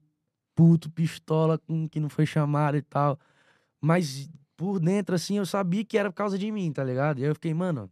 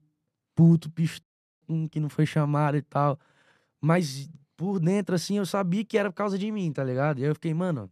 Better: first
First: none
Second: audio cutting out; at 1 s

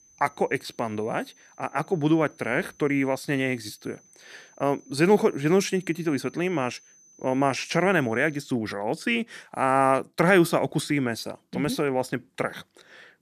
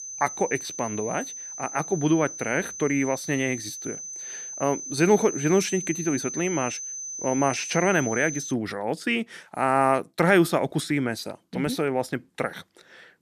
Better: first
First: high-pitched whine; faint; until 8.5 s; 6 kHz, 30 dB below the speech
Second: high-pitched whine; loud; until 8.5 s; 6 kHz, 8 dB below the speech

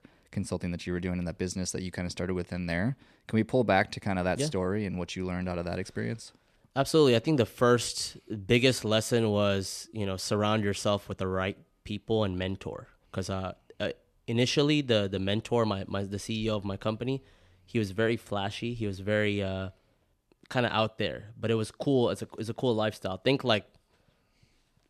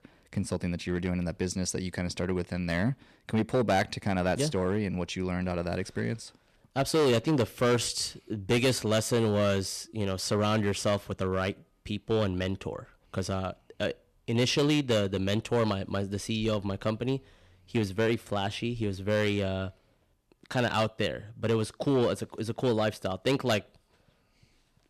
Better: first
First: none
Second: distortion; slight; 4% of the sound clipped

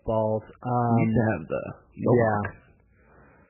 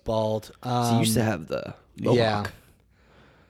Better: second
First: garbled, watery; badly; nothing above 2.5 kHz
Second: none

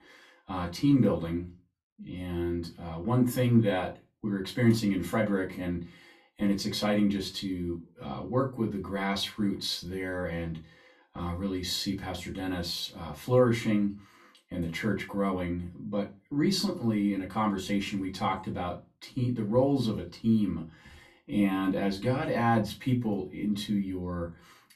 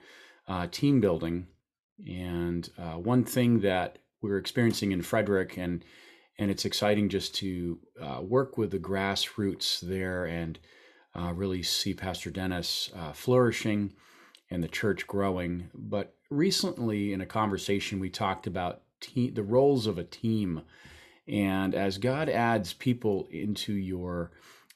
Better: second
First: off-mic speech; far // room echo; very slight; dies away in 0.2 s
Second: none

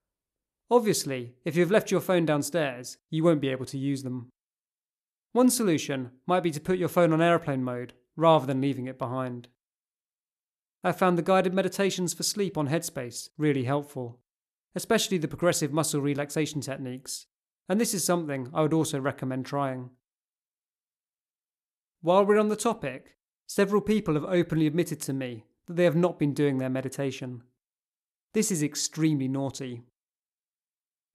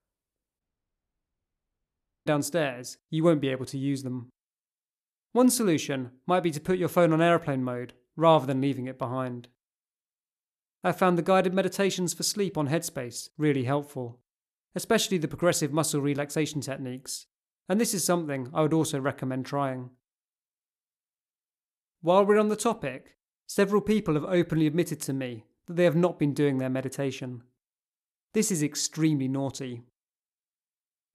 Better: first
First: none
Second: audio cutting out; at 0.5 s for 1.5 s

